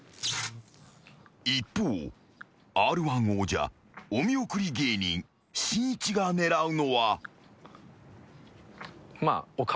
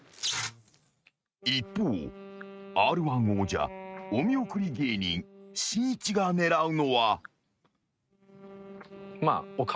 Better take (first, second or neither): first